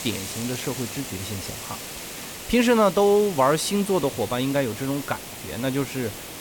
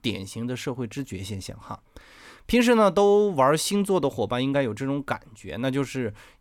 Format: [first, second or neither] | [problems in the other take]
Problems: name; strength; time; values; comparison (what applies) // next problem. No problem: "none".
second | hiss; noticeable; throughout; 10 dB below the speech